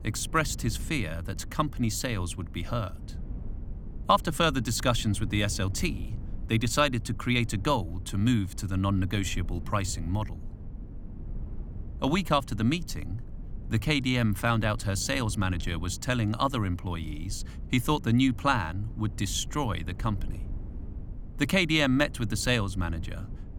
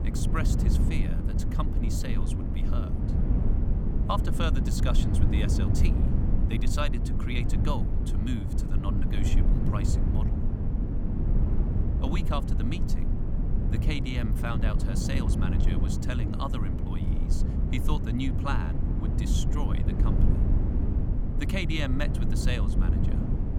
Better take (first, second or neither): first